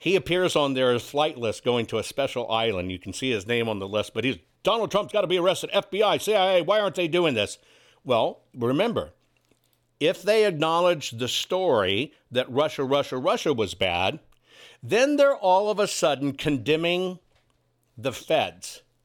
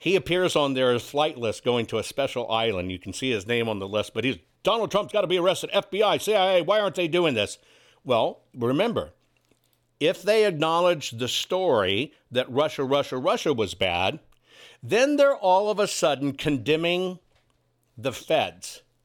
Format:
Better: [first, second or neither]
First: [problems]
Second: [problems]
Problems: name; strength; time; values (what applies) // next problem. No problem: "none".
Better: neither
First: none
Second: none